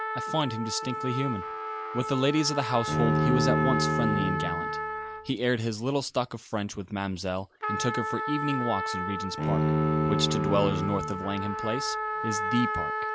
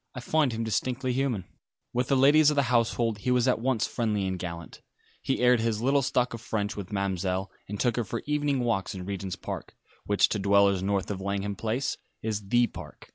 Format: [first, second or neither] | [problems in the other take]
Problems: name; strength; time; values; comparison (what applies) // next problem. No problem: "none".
second | background sound (Bowed string instrument + Trumpet); as loud as the speech